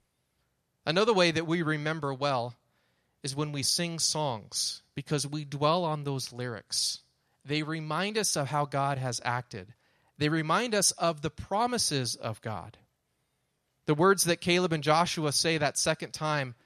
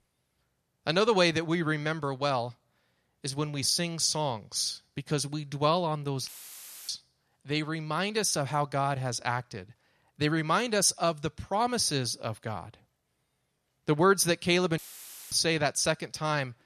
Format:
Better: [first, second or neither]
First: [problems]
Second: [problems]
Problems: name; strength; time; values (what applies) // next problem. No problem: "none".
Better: first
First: none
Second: audio cutting out; filled with static; at 6.5 s for 0.5 s and at 15 s for 0.5 s